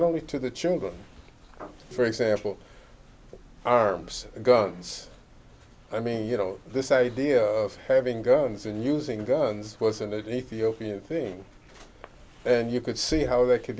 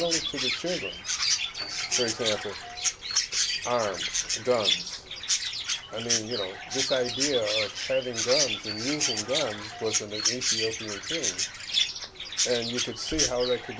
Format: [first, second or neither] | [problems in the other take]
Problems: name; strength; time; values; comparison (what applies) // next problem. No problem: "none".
first | background sound (Chirp, tweet); 2 dB above the speech